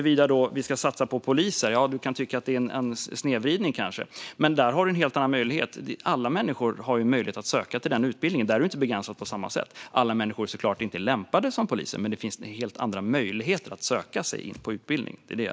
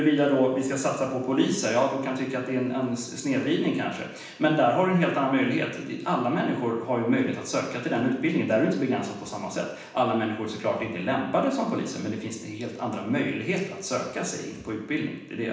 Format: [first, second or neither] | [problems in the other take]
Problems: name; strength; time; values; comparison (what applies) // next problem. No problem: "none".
first | room echo; dies away in 0.9 s